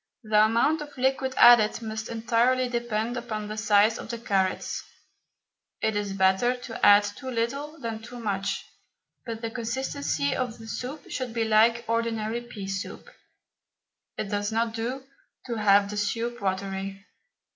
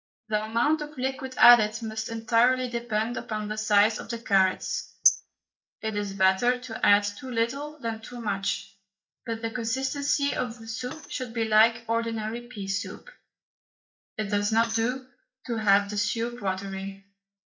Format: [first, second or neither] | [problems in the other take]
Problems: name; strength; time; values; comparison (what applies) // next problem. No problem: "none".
first | noise reduction (neural mask model DeepFilterNet 3)